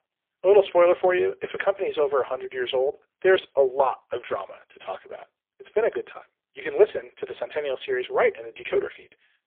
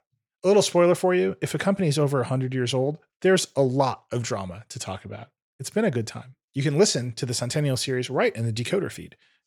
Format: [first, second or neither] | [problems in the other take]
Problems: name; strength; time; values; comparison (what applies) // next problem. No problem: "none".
second | phone-call audio; poor line; nothing above 3.5 kHz